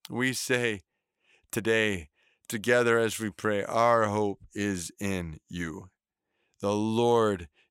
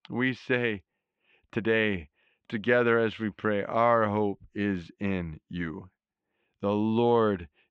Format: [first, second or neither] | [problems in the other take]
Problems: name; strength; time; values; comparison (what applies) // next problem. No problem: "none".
first | muffled; very; fading above 3 kHz